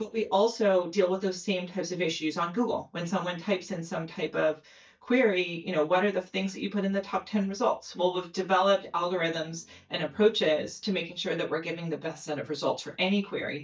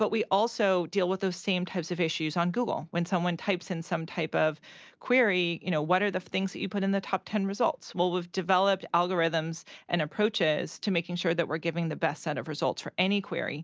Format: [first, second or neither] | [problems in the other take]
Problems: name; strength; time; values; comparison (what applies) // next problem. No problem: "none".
second | noise reduction (neural mask model DeepFilterNet 3)